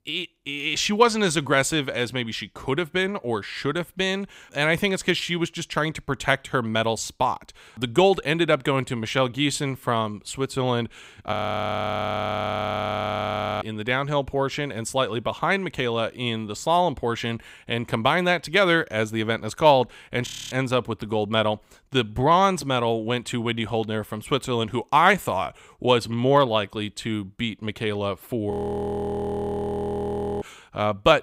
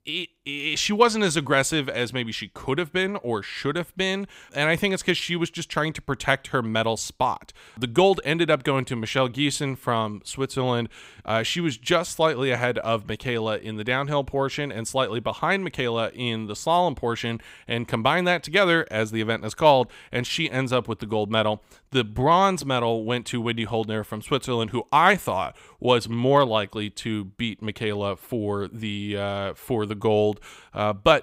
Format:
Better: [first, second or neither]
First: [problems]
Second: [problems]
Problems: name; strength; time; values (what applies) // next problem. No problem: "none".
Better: second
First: audio freezing; at 11 s for 2.5 s, at 20 s and at 29 s for 2 s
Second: none